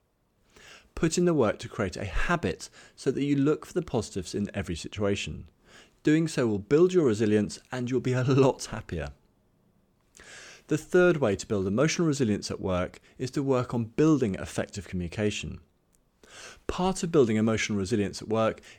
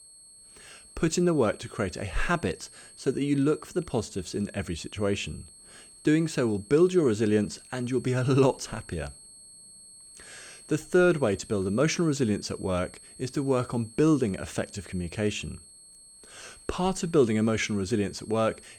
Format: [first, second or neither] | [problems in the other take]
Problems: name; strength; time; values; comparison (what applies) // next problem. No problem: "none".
first | high-pitched whine; faint; throughout; 8.5 kHz, 20 dB below the speech